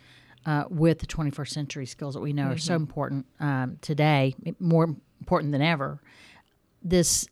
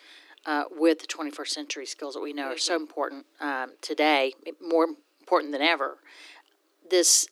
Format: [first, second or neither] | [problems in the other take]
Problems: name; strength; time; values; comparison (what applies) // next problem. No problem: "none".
first | thin; very; fading below 300 Hz